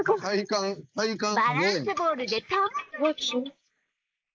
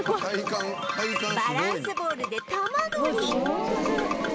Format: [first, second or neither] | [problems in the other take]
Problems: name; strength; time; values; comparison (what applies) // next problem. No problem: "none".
second | noise reduction (neural mask model Resemble Enhance denoiser)